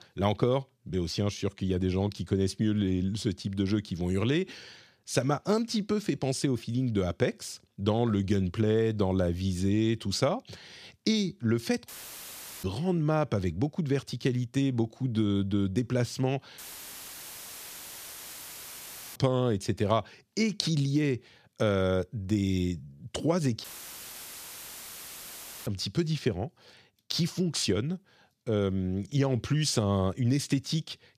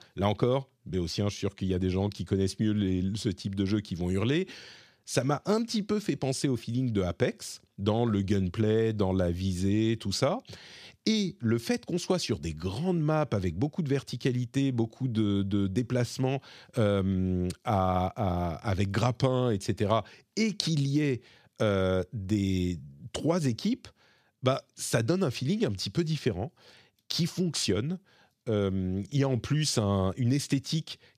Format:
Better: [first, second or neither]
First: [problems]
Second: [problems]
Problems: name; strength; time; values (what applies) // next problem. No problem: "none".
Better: second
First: audio cutting out; filled with static; at 12 s for 1 s, at 17 s for 2.5 s and at 24 s for 2 s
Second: none